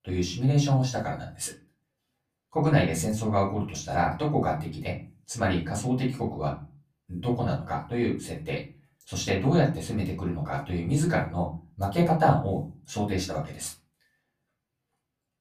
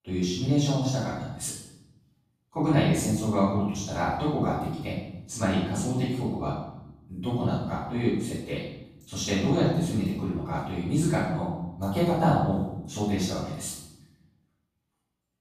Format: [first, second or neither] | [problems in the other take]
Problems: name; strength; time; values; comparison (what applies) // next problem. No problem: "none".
first | room echo; strong; dies away in 0.9 s; slight in the first // off-mic speech; far; far in the first